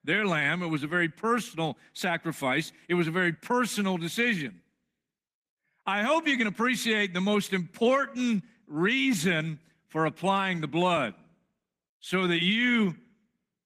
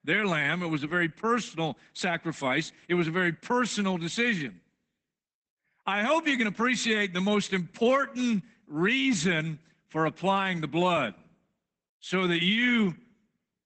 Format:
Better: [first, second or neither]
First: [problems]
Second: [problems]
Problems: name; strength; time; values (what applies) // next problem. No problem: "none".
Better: first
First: garbled, watery; slightly; nothing above 15 kHz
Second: garbled, watery; badly; nothing above 8 kHz